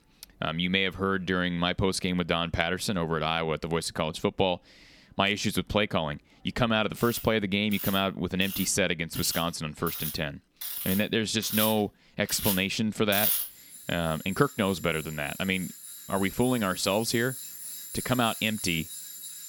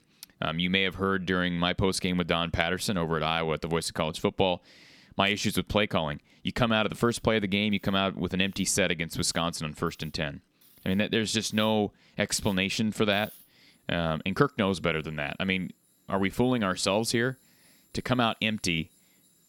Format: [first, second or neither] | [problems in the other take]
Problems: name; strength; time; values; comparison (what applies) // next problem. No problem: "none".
second | machinery noise; loud; throughout; 6 dB below the speech; faint in the second